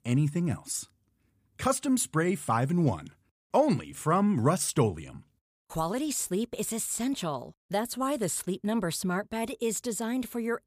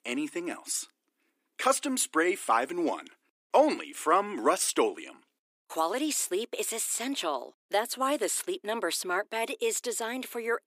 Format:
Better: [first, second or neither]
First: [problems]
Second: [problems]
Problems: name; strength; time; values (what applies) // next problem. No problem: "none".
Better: first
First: none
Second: thin; somewhat; fading below 300 Hz